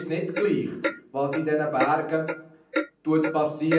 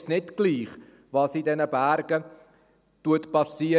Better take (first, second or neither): second